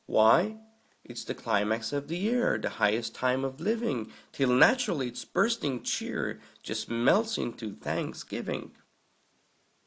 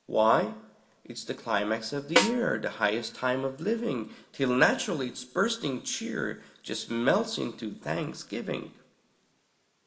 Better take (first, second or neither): first